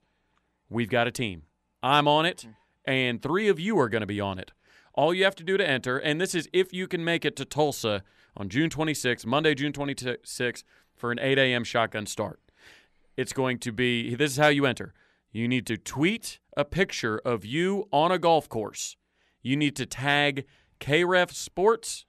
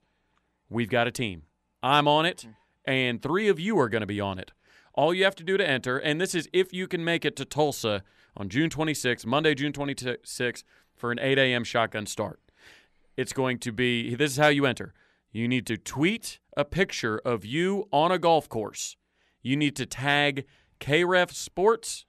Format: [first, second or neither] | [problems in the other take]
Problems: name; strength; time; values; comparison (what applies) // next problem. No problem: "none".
neither | none